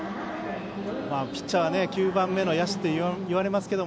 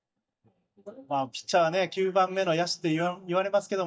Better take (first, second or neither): first